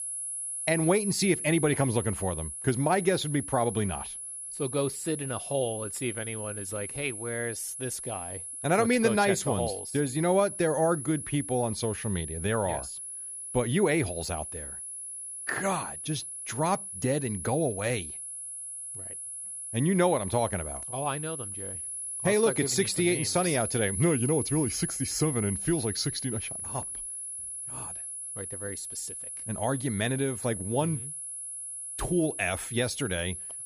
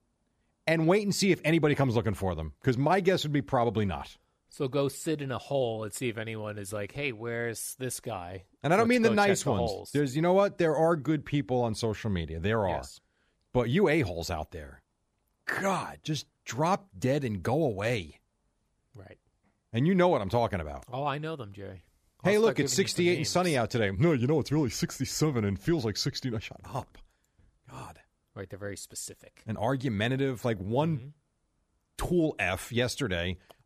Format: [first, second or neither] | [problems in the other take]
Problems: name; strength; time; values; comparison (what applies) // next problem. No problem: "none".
second | high-pitched whine; loud; throughout; 10.5 kHz, 6 dB below the speech